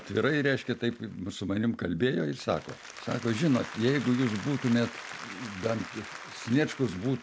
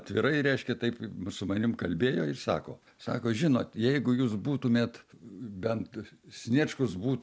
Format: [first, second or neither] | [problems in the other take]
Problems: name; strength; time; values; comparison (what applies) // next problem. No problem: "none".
second | background sound (Applause); 15 dB below the speech